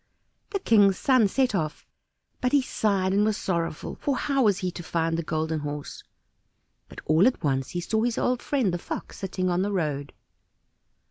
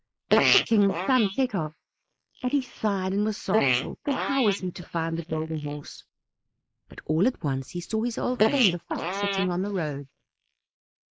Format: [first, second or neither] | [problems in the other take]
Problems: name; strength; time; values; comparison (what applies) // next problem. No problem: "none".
first | noise reduction (neural mask model Resemble Enhance denoiser)